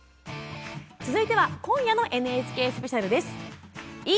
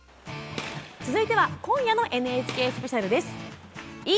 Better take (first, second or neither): first